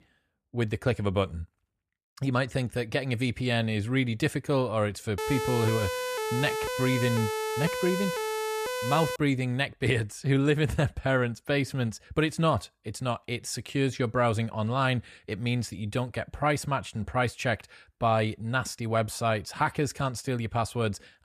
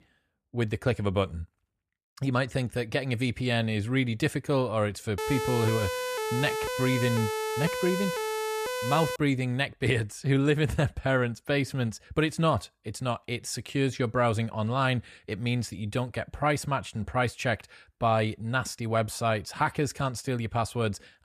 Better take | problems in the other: neither | siren; noticeable; from 5 to 9 s; peak 2 dB below the speech; the same in both

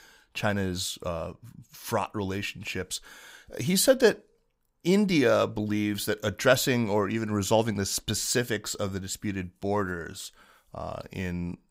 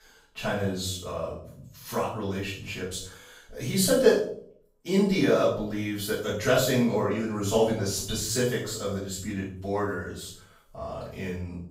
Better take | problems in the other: first | off-mic speech; far // room echo; noticeable; dies away in 0.5 s

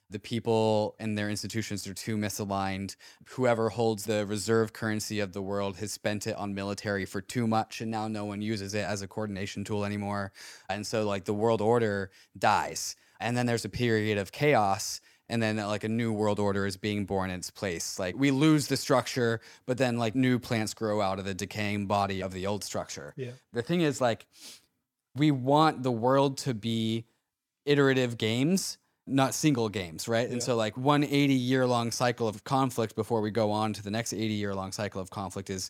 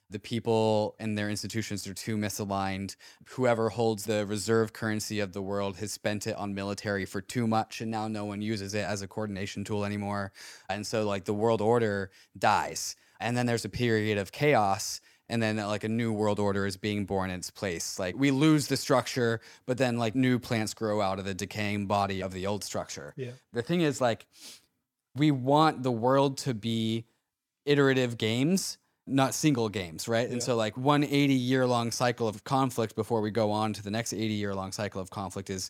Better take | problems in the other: neither | none

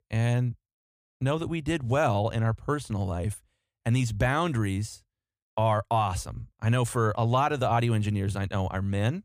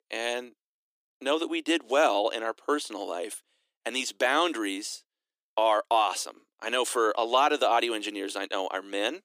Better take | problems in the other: first | thin; very; fading below 300 Hz

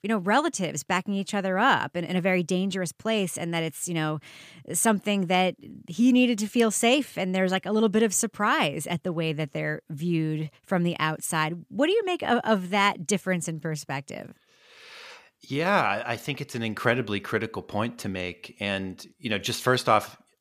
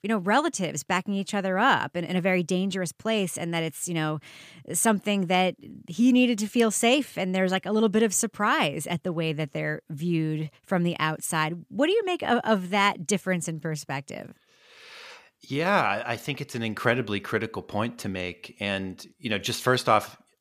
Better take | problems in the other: neither | none

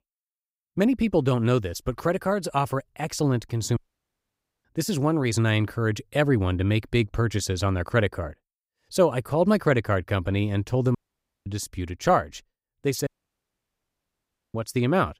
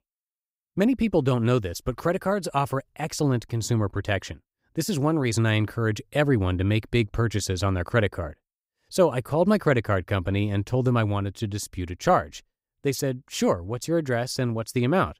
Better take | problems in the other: second | audio cutting out; at 4 s for 1 s, at 11 s for 0.5 s and at 13 s for 1.5 s

